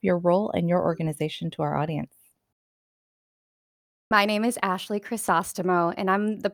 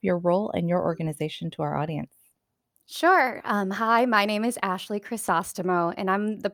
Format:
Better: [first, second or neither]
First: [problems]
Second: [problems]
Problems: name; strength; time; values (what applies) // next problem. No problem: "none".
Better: second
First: audio cutting out; at 2.5 s for 1.5 s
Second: none